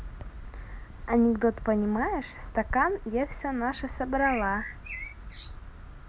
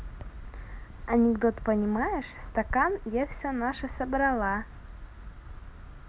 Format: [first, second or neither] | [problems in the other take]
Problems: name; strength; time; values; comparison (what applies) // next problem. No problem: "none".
second | background sound (Bird); 14 dB below the speech